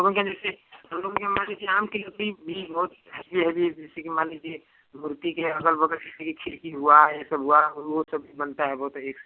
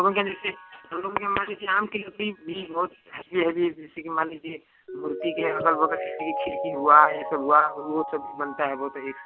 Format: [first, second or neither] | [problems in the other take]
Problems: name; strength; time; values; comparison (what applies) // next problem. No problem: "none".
first | background sound (Mallet percussion); 10 dB below the speech